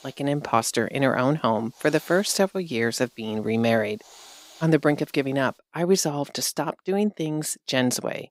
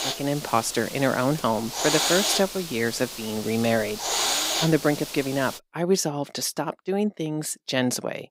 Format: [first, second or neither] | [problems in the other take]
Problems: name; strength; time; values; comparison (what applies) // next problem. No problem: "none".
first | hiss; loud; until 5.5 s; 2 dB below the speech; faint in the first